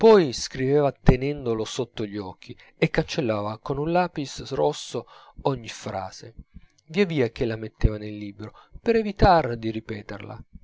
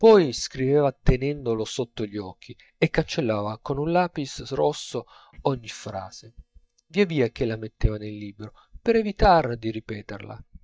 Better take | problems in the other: first | noise reduction (neural mask model DeepFilterNet 3)

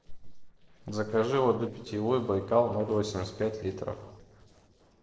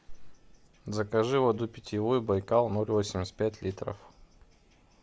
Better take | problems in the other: second | noise reduction (neural separator model SepFormer DNS4)

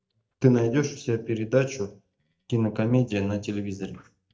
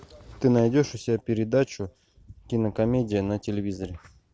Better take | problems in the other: second | noise reduction (neural mask model DeepFilterNet 3)

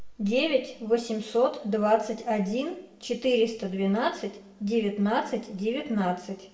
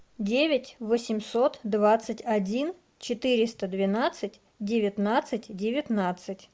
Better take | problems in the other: second | room echo; dies away in 0.6 s

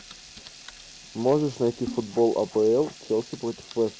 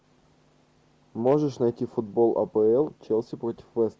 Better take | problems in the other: second | background sound (Typing + Water tap, faucet / Liquid); 17 dB below the speech

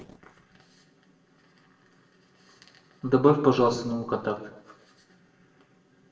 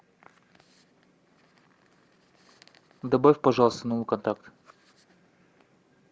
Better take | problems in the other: second | room echo; dies away in 0.7 s

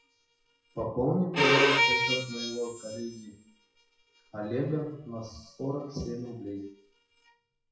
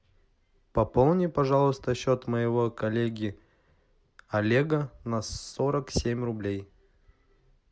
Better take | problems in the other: second | noise reduction (classical method WPE with log-MMSE)

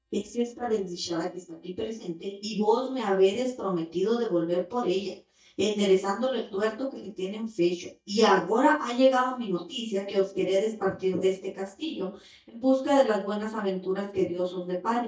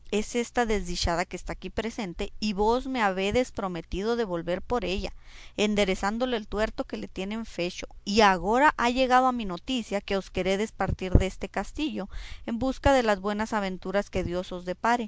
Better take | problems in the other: second | noise reduction (neural mask model DeepFilterNet 3)

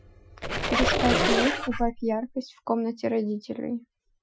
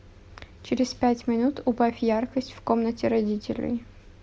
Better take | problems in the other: second | noise reduction (classical method Wiener filter)

